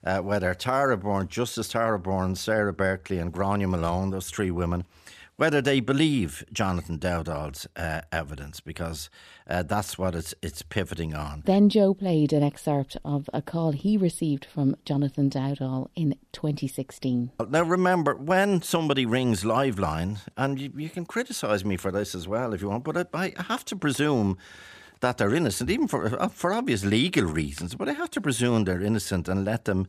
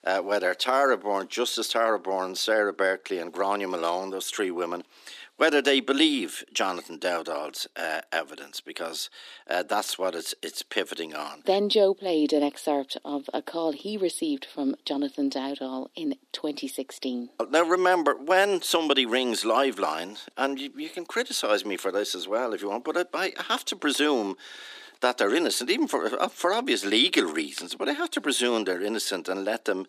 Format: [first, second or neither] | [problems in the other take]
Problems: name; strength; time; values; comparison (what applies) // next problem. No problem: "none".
first | thin; somewhat; fading below 300 Hz